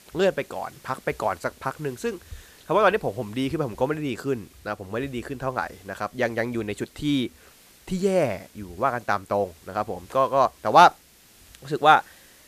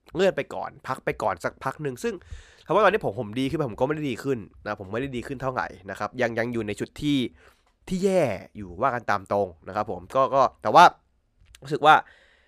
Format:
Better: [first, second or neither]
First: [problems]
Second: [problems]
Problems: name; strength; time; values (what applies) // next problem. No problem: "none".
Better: second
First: hiss; faint; throughout; 25 dB below the speech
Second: none